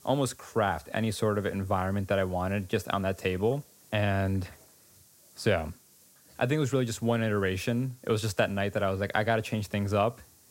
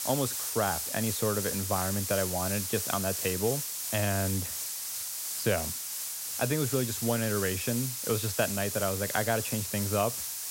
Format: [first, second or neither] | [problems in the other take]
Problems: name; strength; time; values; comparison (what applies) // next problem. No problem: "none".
first | hiss; loud; throughout; 1 dB below the speech; faint in the first